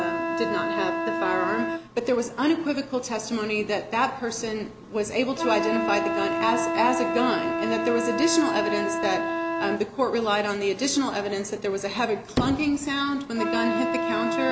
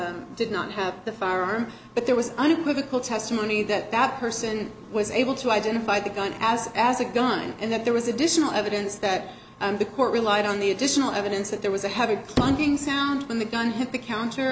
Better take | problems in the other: second | background sound (Wind instrument, woodwind instrument); 3 dB below the speech

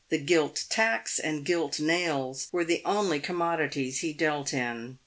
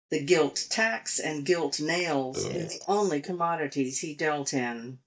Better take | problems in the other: first | noise reduction (neural mask model DeepFilterNet 3)

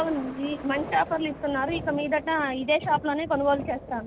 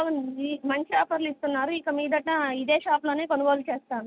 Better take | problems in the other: second | background sound (Thunder); 12 dB below the speech

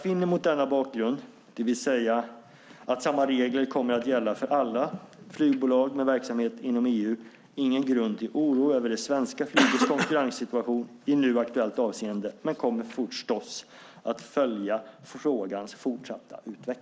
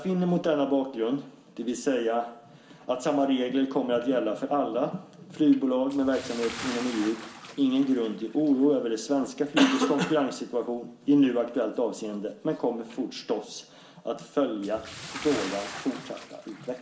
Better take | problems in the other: first | background sound (Bathtub (filling or washing) / Splash, splatter); 19 dB below the speech // room echo; dies away in 0.6 s

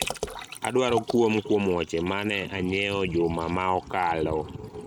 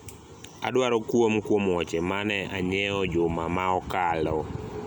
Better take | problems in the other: second | noise reduction (neural mask model RNNoise)

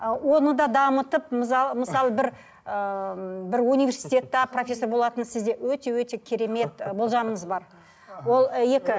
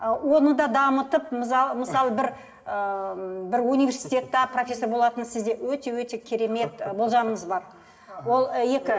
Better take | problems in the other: first | room echo; dies away in 1 s

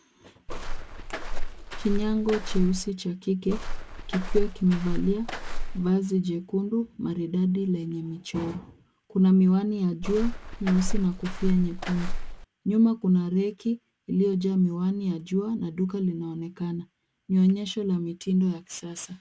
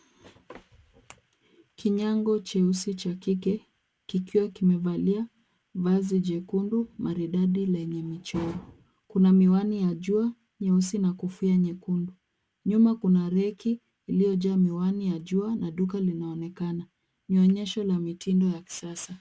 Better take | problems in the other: second | background sound (Walk, footsteps); 1 dB below the speech

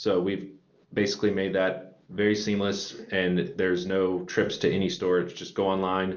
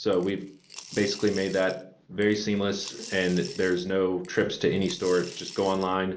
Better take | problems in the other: first | background sound (Coin (dropping) / Glass); 18 dB below the speech

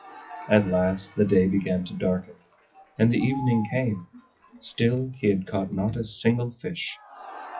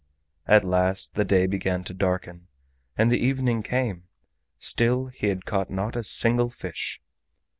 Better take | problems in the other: second | noise reduction (classical method WPE with log-MMSE)

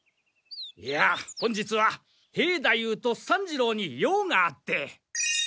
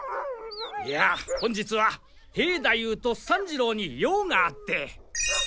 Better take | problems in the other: first | background sound (Dog); 12 dB below the speech

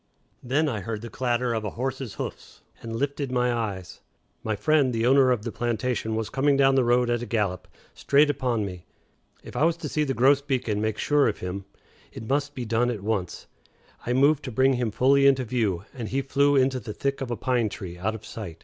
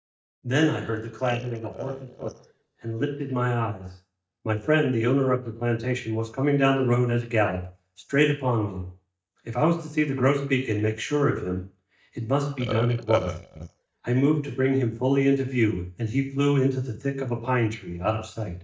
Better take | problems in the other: first | noise reduction (neural mask model DeepFilterNet 3)

